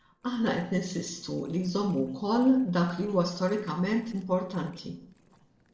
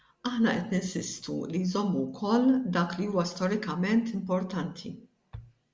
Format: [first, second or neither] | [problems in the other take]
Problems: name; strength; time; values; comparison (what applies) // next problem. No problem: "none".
second | noise reduction (neural separator model SepFormer DNS4)